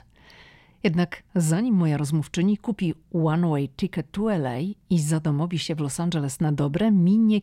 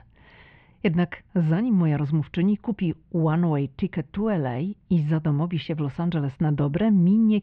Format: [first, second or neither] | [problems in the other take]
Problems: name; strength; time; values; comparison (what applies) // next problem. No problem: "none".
first | muffled; very; fading above 3 kHz